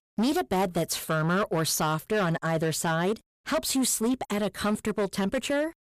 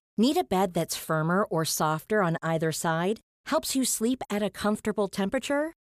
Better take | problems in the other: second | distortion; slight; 13% of the sound clipped

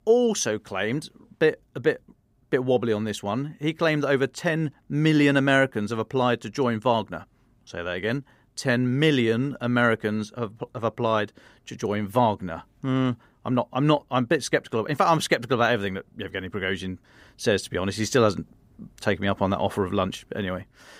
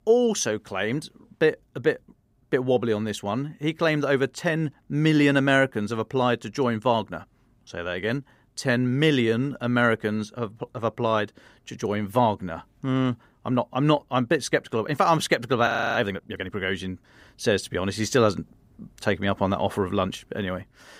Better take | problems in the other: first | audio freezing; at 16 s

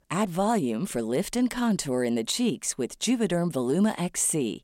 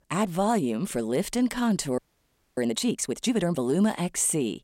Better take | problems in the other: first | audio freezing; at 2 s for 0.5 s

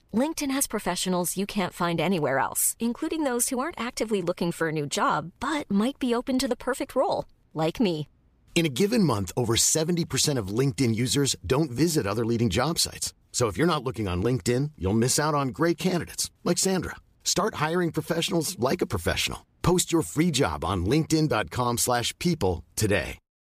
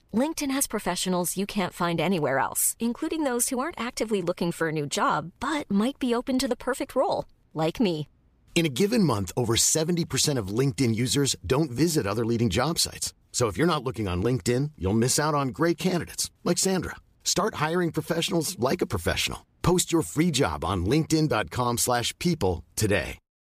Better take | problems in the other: neither | none

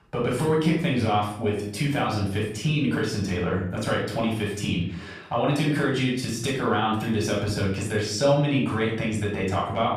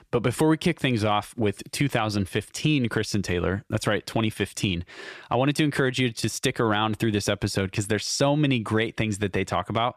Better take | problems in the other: second | off-mic speech; far // room echo; noticeable; dies away in 0.6 s

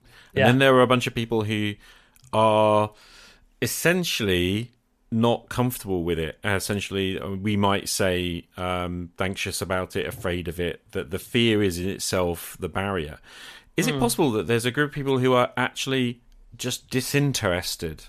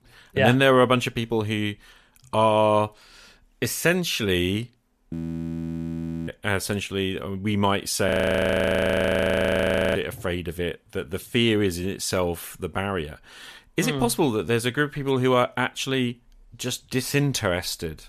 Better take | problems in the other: first | audio freezing; at 5 s for 1 s and at 8 s for 2 s

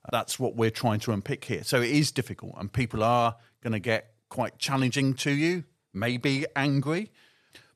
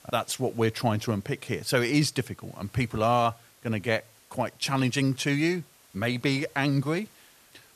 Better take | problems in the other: first | hiss; faint; throughout; 25 dB below the speech

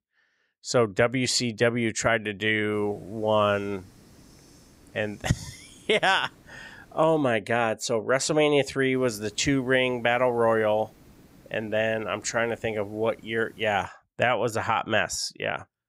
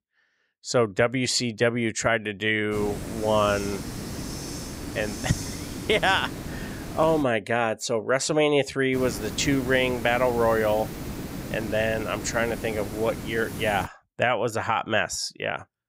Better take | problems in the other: first | hiss; loud; from 2.5 to 7 s and from 9 to 14 s; 10 dB below the speech; faint in the first

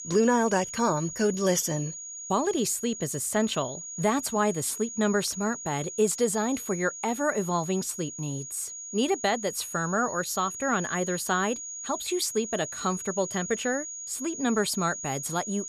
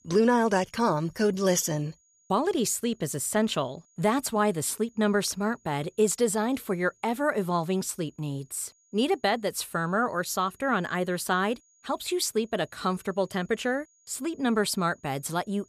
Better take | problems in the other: second | high-pitched whine; loud; throughout; 6.5 kHz, 8 dB below the speech; faint in the second

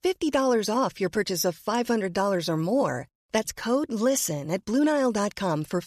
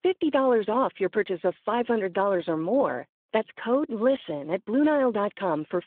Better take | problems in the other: first | phone-call audio

